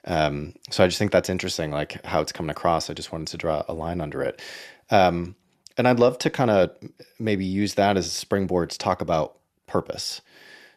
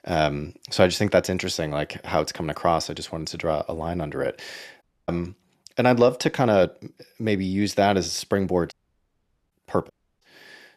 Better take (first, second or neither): first